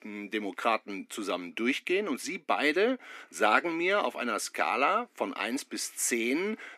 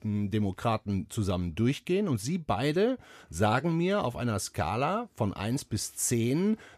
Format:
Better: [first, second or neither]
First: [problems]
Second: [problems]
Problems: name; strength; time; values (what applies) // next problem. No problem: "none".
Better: second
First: thin; somewhat; fading below 250 Hz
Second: none